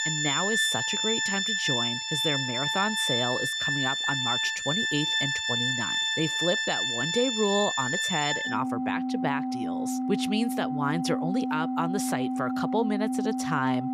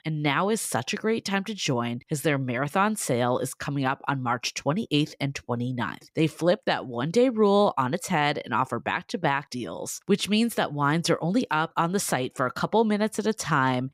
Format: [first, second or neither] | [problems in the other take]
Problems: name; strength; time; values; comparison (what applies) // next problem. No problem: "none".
second | background music; very loud; throughout; 4 dB above the speech